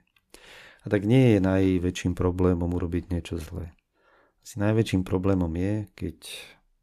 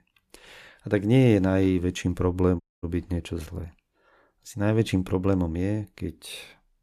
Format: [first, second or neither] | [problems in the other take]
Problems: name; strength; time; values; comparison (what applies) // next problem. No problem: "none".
first | audio cutting out; at 2.5 s